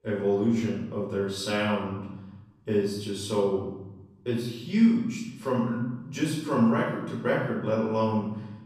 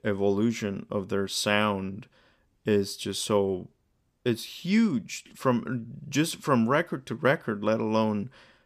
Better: second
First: room echo; noticeable; dies away in 1.1 s // off-mic speech; far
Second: none

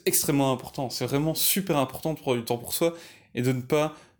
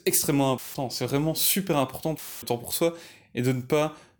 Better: first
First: none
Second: audio cutting out; filled with static; at 0.5 s and at 2 s

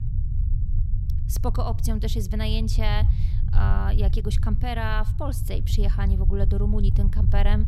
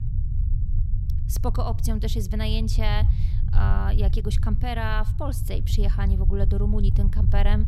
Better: neither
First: low rumble; loud; throughout; 9 dB below the speech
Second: low rumble; loud; throughout; 9 dB below the speech

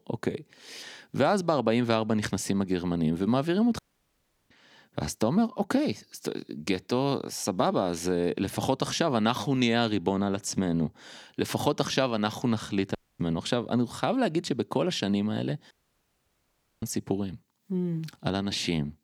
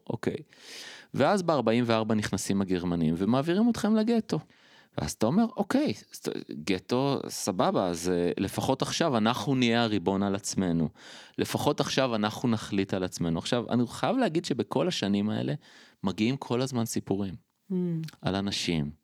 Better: second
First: audio cutting out; at 4 s for 0.5 s, at 13 s and at 16 s for 1 s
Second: none

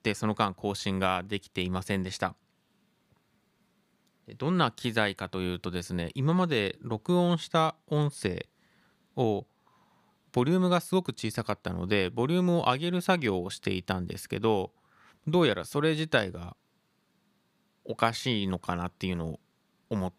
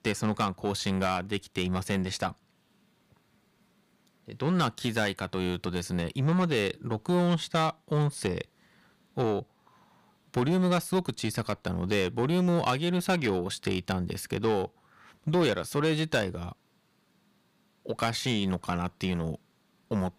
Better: first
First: none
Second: distortion; slight; 10 dB below the speech

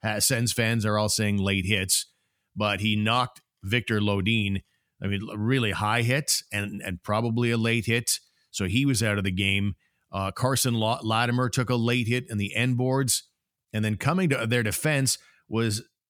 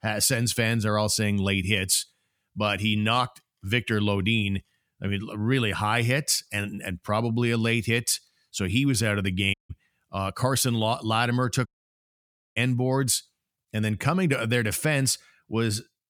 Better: first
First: none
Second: audio cutting out; at 9.5 s and at 12 s for 1 s

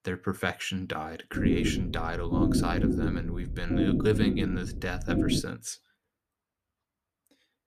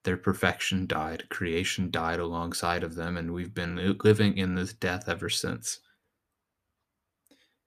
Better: second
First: low rumble; very faint; from 1.5 to 5.5 s; as loud as the speech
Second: none

